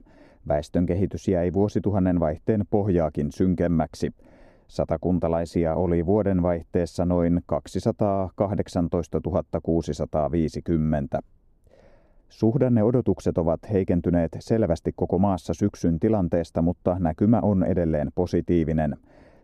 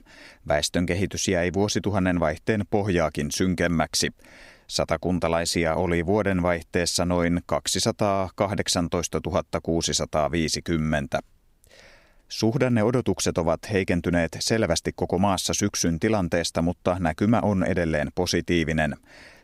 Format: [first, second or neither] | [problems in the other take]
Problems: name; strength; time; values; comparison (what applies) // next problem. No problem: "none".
second | muffled; very; fading above 1 kHz